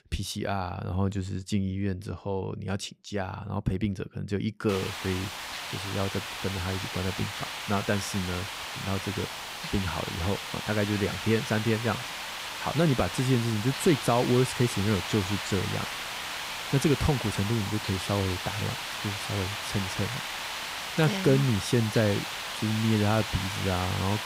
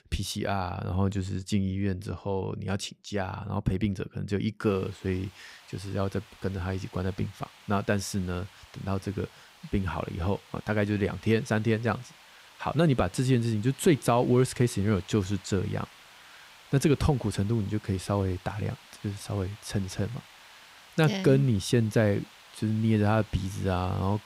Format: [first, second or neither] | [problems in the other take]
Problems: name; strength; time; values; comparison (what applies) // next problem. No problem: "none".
second | hiss; loud; from 4.5 s on; 4 dB below the speech; faint in the second